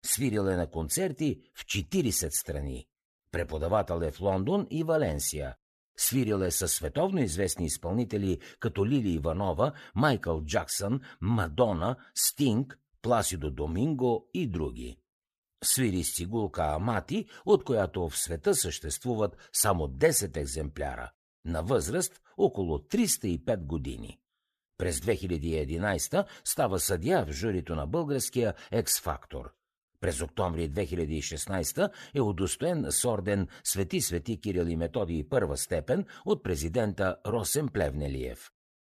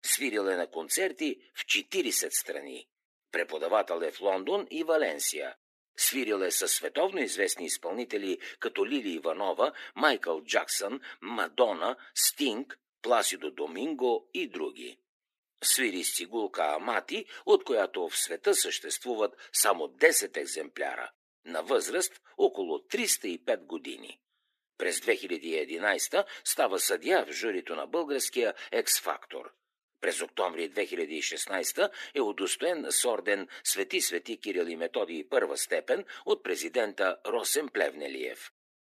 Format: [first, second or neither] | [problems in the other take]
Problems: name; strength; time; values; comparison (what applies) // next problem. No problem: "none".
first | thin; somewhat; fading below 300 Hz